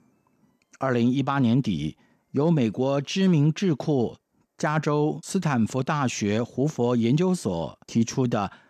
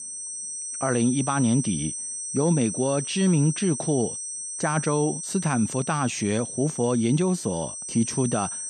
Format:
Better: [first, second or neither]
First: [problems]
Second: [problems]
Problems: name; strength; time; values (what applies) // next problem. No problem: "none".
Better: first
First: none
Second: high-pitched whine; loud; throughout; 8.5 kHz, 6 dB below the speech